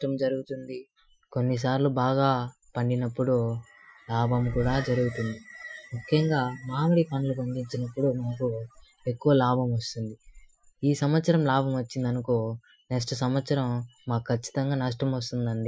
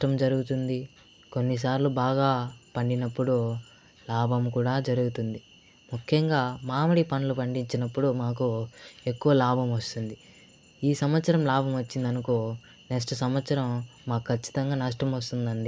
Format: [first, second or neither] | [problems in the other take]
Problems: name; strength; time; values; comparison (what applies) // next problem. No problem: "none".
second | noise reduction (classical method Wiener filter)